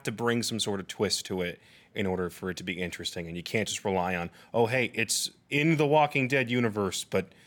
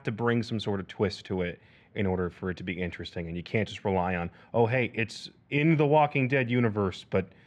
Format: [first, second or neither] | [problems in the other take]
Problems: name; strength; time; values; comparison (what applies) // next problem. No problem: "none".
first | muffled; slightly; fading above 2.5 kHz